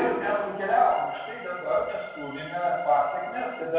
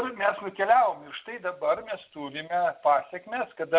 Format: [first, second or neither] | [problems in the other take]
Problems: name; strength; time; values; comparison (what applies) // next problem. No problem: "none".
second | background sound (Organ); 16 dB below the speech // room echo; dies away in 1.2 s